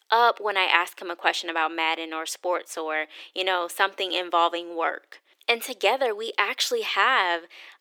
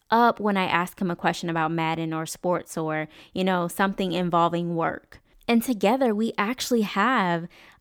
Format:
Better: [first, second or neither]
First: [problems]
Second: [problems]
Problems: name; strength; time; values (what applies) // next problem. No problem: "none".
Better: second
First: thin; very; fading below 350 Hz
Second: none